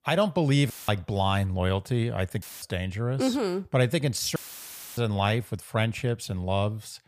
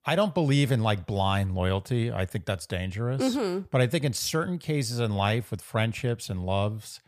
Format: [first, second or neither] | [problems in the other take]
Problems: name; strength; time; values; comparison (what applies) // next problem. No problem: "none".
second | audio cutting out; filled with static; at 0.5 s, at 2.5 s and at 4.5 s for 0.5 s